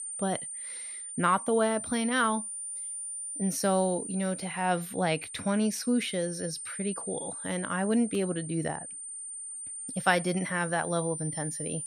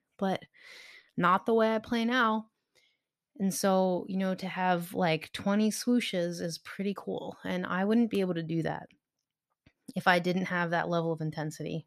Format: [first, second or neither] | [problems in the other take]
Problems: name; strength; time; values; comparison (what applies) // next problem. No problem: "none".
second | high-pitched whine; loud; throughout; 9 kHz, 7 dB below the speech